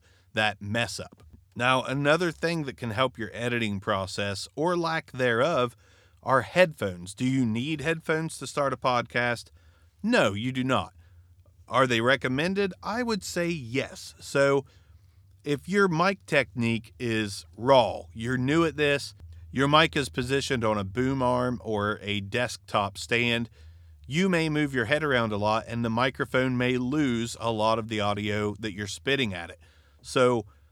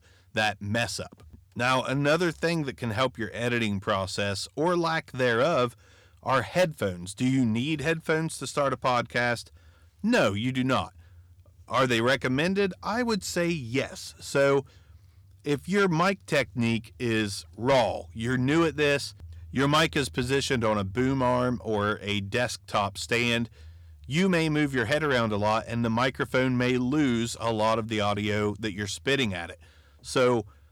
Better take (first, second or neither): first